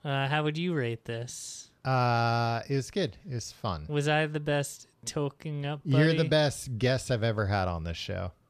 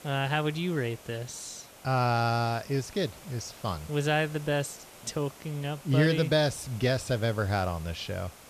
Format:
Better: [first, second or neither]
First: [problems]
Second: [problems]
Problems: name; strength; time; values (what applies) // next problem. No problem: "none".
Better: first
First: none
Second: hiss; noticeable; throughout; 20 dB below the speech